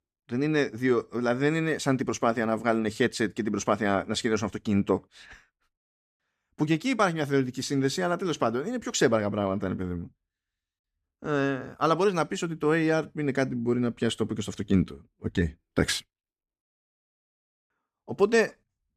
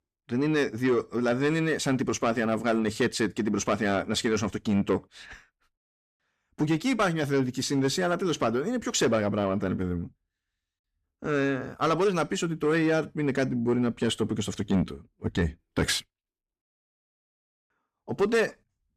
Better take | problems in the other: first | distortion; slight; 10 dB below the speech

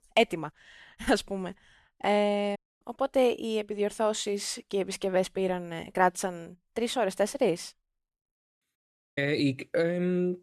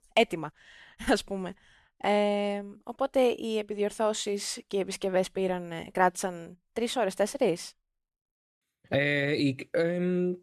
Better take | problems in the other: second | audio cutting out; at 2.5 s and at 9 s

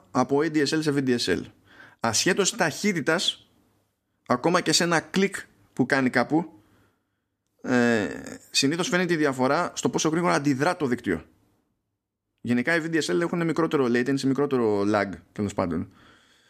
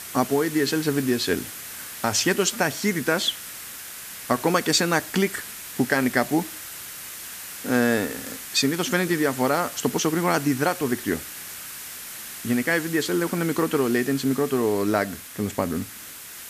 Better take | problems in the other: first | hiss; noticeable; throughout; 10 dB below the speech

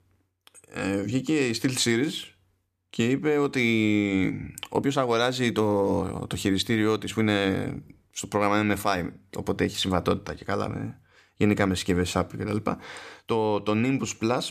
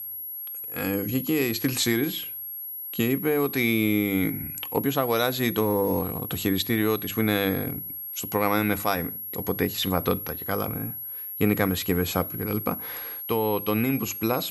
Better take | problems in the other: first | high-pitched whine; loud; throughout; 11.5 kHz, 6 dB below the speech

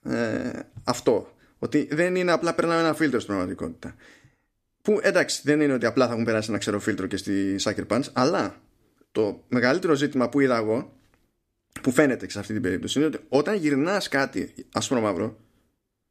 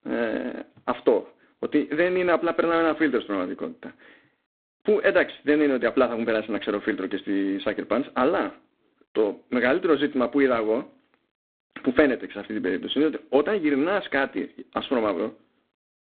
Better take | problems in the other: first | phone-call audio; poor line; nothing above 3.5 kHz

